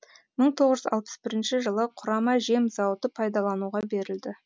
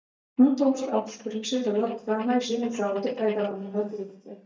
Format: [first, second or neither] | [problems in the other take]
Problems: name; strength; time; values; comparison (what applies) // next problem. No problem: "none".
first | noise reduction (neural mask model DeepFilterNet 3)